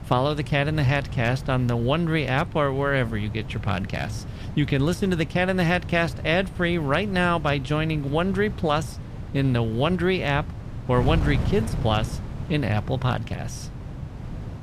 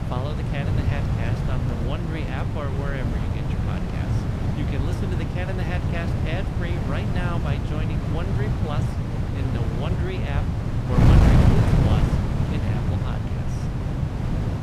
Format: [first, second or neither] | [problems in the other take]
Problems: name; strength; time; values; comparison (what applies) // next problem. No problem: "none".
first | wind noise on the microphone; heavy; 3 dB above the speech; occasional gusts in the first